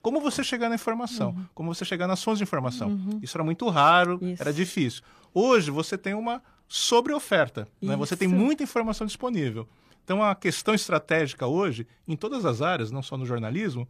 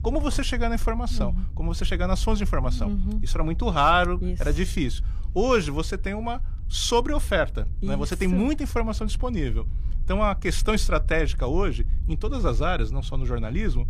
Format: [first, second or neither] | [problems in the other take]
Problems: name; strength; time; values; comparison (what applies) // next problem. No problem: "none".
first | low rumble; faint; throughout; 25 dB below the speech